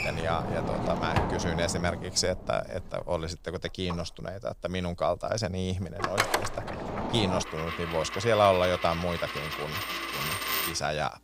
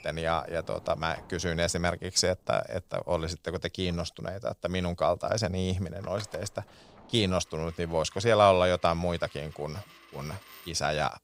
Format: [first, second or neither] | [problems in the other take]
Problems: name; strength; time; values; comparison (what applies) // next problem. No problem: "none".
second | household noises; loud; throughout; 2 dB below the speech; faint in the second